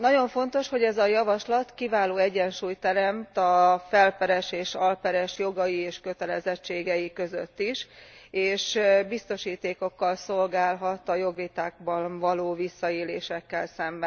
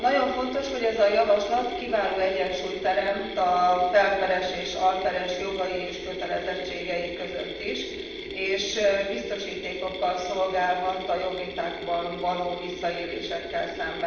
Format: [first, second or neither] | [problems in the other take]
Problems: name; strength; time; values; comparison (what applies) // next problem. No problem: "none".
first | background sound (Mechanisms); 9 dB below the speech // room echo; dies away in 1 s